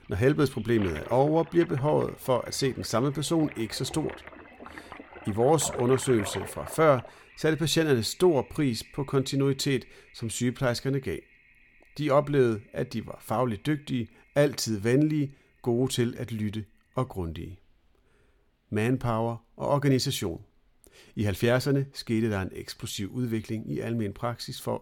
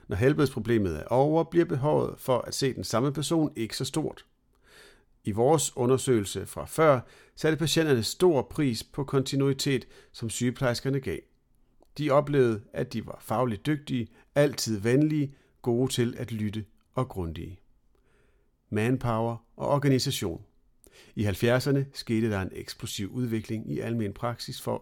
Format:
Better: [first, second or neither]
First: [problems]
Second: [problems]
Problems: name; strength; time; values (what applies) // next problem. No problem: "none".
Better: second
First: household noises; noticeable; throughout; 15 dB below the speech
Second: none